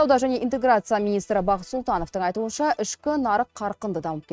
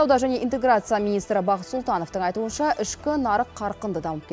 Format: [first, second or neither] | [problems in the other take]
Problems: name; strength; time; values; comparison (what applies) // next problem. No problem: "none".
second | noise reduction (neural mask model RNNoise)